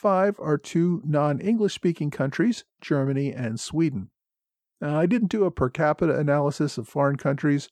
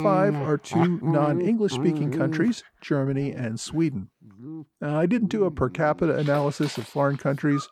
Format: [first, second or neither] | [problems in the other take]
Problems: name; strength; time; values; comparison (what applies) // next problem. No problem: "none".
first | animal sounds; loud; throughout; 6 dB below the speech